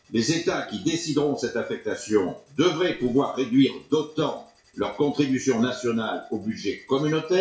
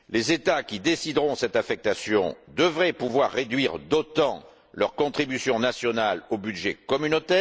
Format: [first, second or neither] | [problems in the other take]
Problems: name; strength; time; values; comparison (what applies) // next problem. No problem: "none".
second | noise reduction (classical method WPE with log-MMSE)